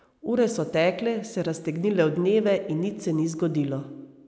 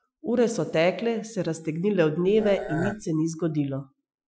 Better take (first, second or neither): first